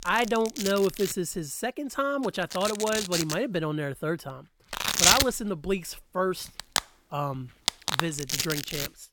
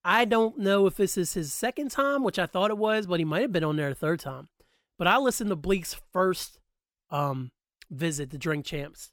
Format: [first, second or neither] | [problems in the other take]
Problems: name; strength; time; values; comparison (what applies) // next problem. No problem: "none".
second | household noises; very loud; throughout; 2 dB above the speech